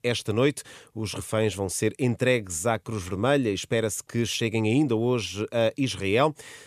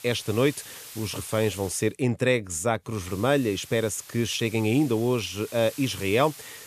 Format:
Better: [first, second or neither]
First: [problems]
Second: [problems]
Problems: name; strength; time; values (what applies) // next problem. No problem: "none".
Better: first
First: none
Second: hiss; noticeable; until 2 s and from 3 s on; 15 dB below the speech